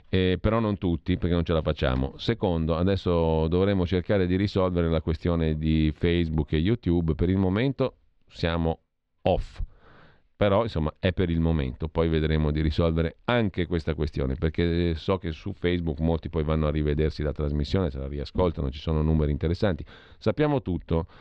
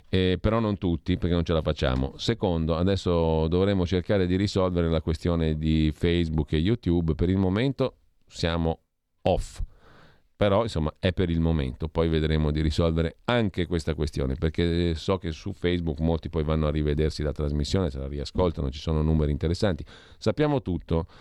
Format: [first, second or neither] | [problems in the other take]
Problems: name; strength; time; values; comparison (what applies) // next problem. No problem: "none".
second | muffled; very slightly; fading above 3 kHz